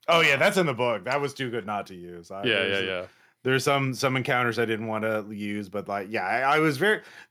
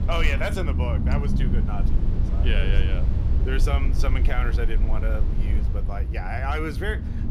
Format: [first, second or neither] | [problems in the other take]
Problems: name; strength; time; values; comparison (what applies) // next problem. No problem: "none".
first | low rumble; loud; throughout; 8 dB below the speech